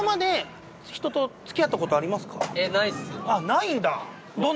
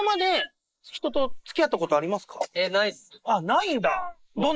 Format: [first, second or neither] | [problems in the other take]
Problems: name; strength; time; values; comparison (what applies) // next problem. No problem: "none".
first | noise reduction (neural mask model Resemble Enhance denoiser)